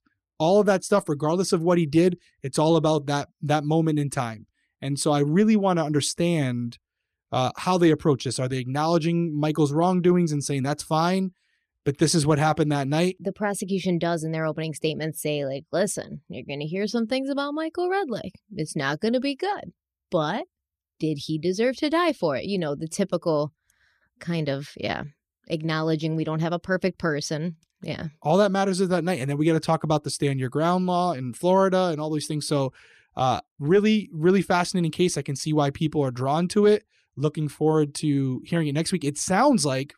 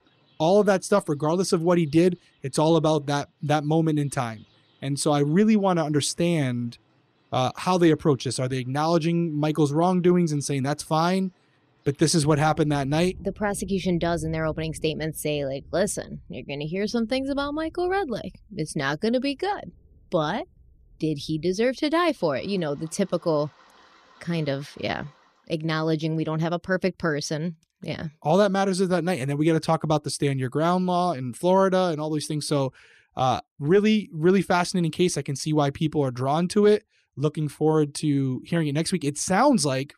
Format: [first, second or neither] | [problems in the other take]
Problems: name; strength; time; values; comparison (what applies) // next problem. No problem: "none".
first | rain or running water; faint; until 25 s; 30 dB below the speech